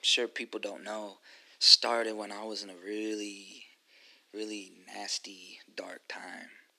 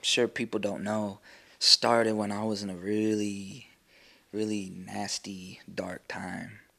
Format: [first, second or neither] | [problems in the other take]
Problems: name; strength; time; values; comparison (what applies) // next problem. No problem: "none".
second | thin; somewhat; fading below 250 Hz